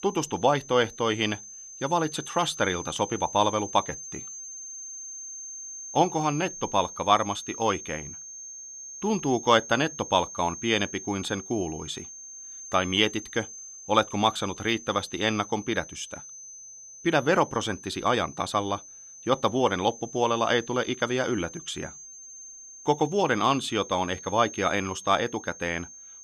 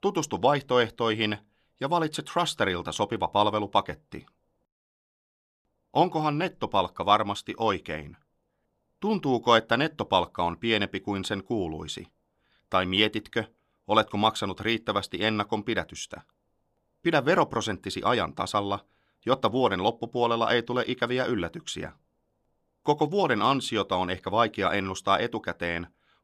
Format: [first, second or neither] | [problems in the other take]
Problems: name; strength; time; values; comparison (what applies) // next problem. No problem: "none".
second | high-pitched whine; noticeable; throughout; 6.5 kHz, 15 dB below the speech